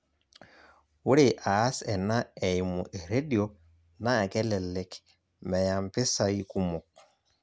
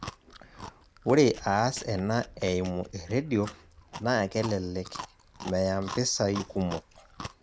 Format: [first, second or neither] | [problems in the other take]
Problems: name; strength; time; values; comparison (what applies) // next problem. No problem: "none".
first | background sound (Chewing, mastication); 15 dB below the speech